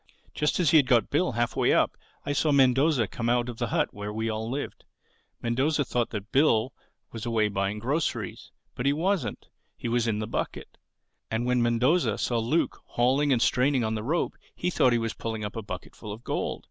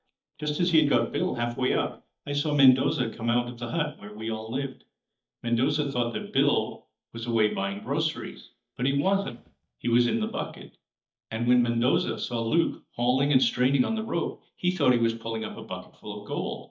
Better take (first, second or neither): first